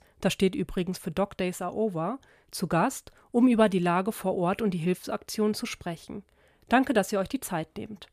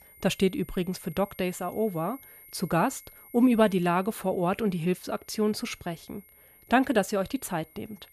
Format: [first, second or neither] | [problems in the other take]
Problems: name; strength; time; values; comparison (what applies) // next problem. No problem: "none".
first | high-pitched whine; faint; throughout; 11.5 kHz, 25 dB below the speech